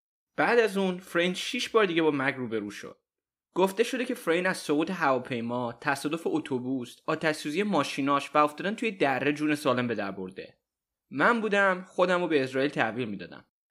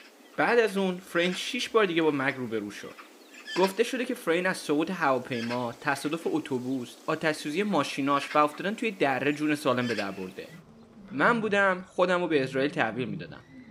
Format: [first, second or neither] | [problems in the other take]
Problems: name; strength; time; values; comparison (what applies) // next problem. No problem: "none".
first | animal sounds; noticeable; throughout; 15 dB below the speech